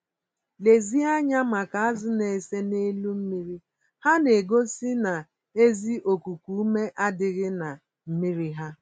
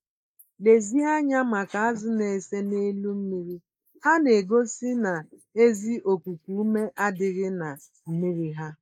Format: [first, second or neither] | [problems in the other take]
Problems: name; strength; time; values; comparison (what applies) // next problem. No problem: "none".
first | noise reduction (neural mask model Resemble Enhance denoiser)